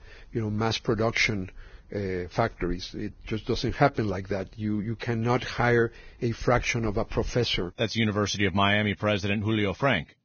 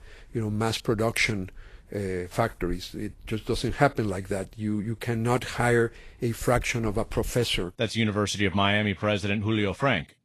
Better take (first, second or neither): second